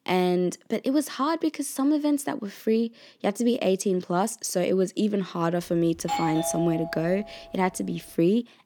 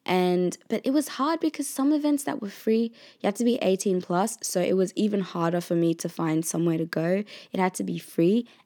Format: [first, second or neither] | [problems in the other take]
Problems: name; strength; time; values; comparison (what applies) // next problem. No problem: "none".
second | doorbell; noticeable; from 6 to 7 s; peak 3 dB below the speech